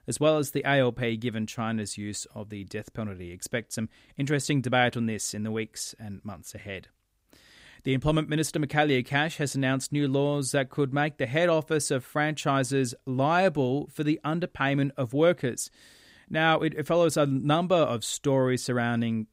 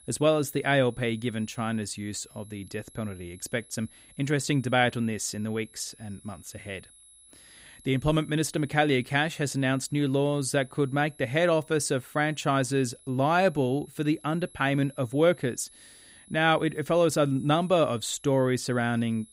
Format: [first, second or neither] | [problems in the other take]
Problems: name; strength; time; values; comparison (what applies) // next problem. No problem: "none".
first | high-pitched whine; faint; throughout; 11 kHz, 25 dB below the speech